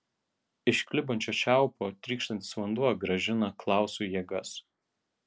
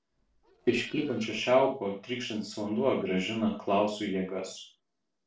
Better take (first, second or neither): first